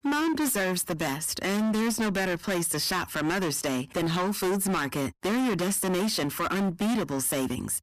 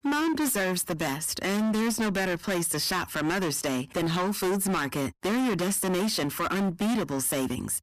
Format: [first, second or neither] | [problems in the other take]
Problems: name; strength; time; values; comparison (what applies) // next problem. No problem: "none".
neither | distortion; heavy; 29% of the sound clipped; the same in both